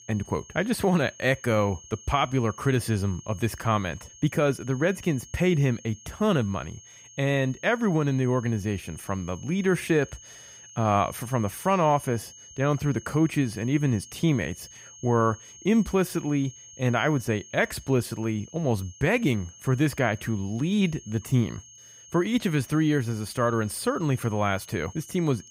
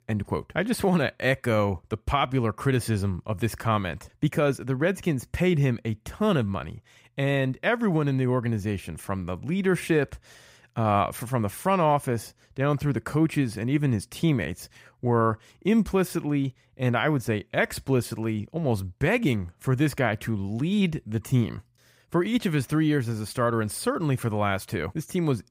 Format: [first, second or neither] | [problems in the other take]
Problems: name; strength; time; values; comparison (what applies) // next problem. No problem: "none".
second | high-pitched whine; noticeable; throughout; 6.5 kHz, 20 dB below the speech